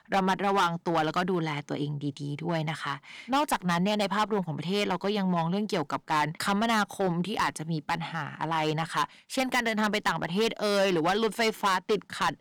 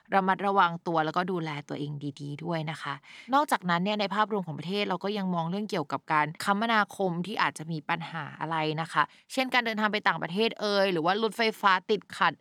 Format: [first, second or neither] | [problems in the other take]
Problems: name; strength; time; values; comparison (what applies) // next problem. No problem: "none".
second | distortion; heavy; 7% of the sound clipped